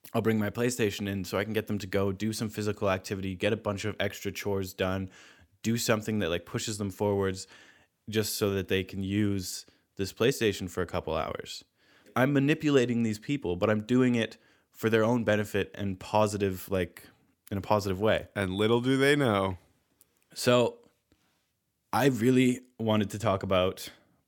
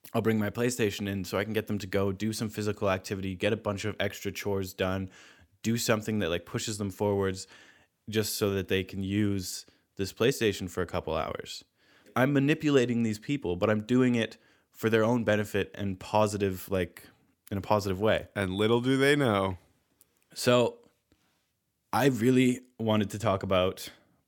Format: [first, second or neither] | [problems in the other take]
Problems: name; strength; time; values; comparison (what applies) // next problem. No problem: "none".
neither | none